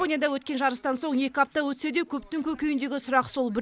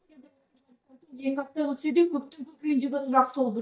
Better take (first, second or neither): first